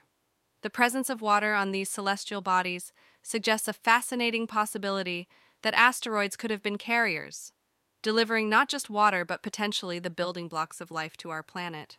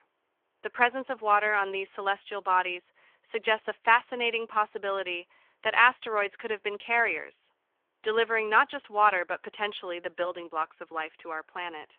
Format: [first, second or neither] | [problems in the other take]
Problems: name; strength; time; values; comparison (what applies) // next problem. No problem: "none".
first | phone-call audio